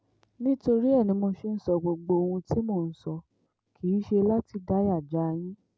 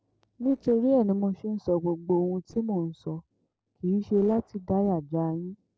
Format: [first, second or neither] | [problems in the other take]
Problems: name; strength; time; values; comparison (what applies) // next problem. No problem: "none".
first | noise reduction (neural separator model SepFormer DNS4)